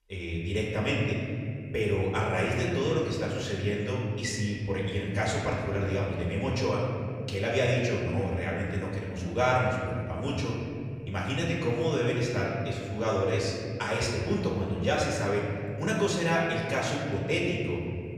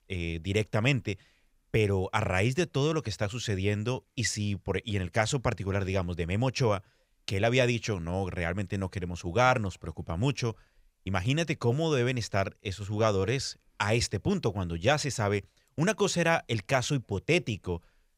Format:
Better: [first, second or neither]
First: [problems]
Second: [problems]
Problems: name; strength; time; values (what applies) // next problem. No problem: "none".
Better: second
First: off-mic speech; far // room echo; noticeable; dies away in 2.2 s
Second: none